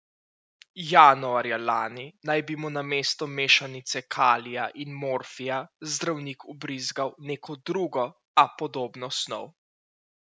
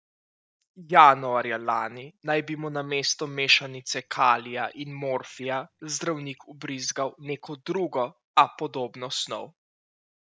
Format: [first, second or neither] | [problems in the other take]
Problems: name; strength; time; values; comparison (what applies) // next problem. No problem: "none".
first | noise reduction (neural mask model DeepFilterNet 3)